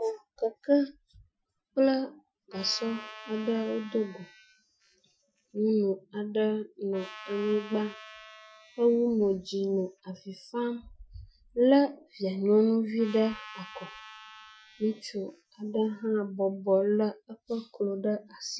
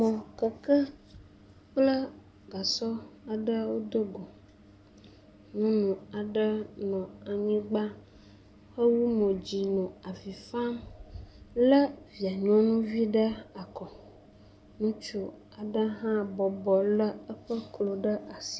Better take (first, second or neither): second